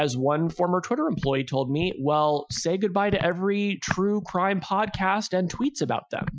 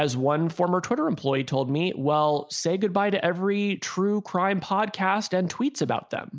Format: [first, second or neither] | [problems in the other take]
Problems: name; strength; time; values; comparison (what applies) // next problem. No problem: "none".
second | noise reduction (classical method Wiener filter)